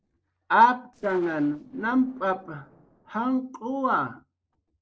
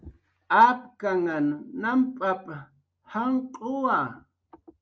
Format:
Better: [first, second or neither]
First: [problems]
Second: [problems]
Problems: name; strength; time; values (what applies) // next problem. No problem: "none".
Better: second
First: noise reduction (neural separator model SepFormer DNS4)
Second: none